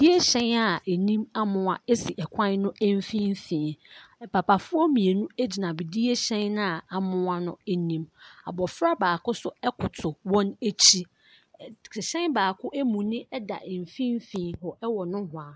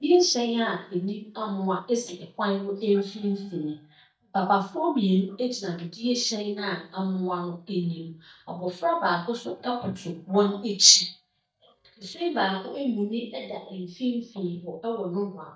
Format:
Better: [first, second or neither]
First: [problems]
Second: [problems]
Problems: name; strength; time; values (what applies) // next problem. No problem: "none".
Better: first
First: none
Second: noise reduction (neural mask model DeepFilterNet 3)